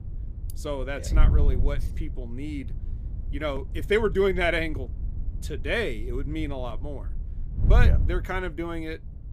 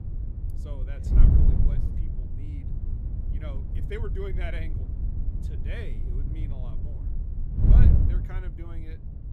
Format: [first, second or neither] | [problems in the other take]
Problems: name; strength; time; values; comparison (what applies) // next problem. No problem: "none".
first | wind noise on the microphone; heavy; 1 dB above the speech; occasional gusts in the first